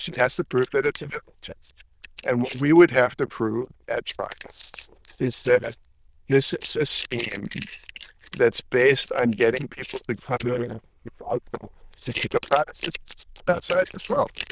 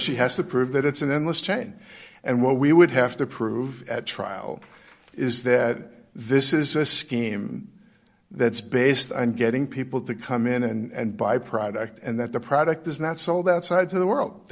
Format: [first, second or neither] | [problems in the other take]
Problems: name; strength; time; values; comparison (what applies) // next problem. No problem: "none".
second | noise reduction (neural diffusion model UNIVERSE++)